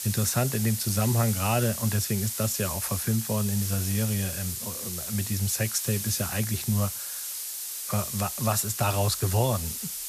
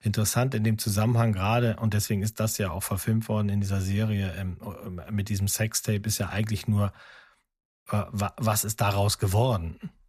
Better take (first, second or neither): second